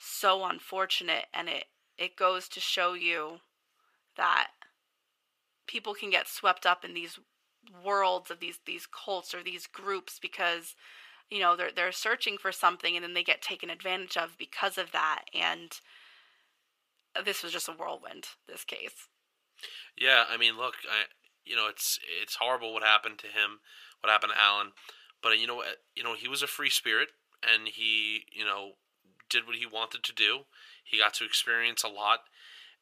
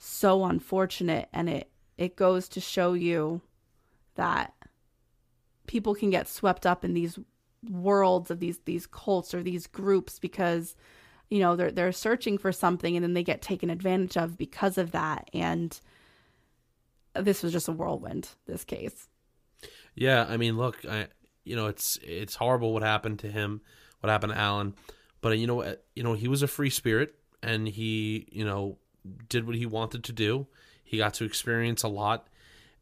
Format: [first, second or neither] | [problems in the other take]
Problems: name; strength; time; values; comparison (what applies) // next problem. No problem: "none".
second | thin; very; fading below 650 Hz